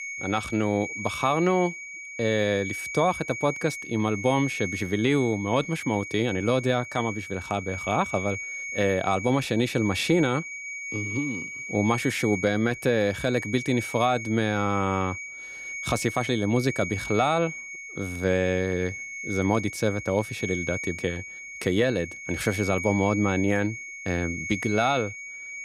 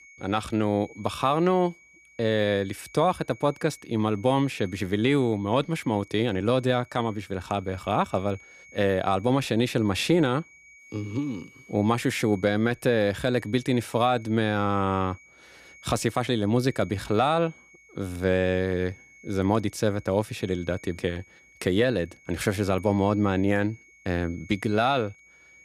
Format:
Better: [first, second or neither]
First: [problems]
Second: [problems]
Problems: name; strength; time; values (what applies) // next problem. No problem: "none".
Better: second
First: high-pitched whine; loud; throughout; 2.5 kHz, 8 dB below the speech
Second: high-pitched whine; faint; throughout; 2.5 kHz, 25 dB below the speech